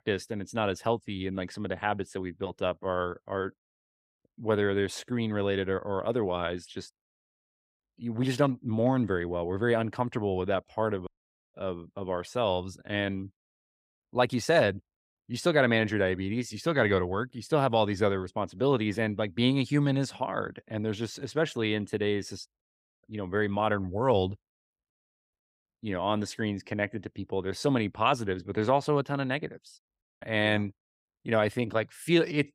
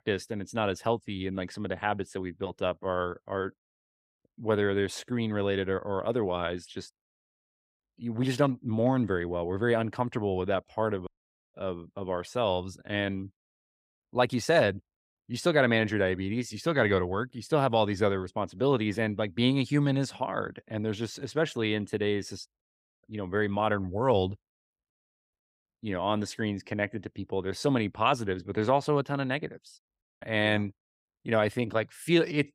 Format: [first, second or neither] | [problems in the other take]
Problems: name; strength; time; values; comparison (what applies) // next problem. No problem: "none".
neither | none